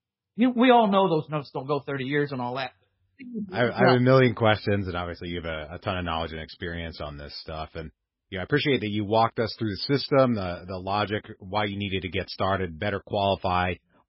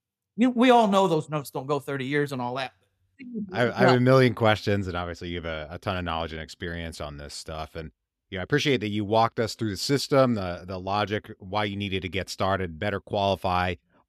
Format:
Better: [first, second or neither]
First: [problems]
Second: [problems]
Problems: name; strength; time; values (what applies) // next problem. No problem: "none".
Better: second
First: garbled, watery; badly; nothing above 5.5 kHz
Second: none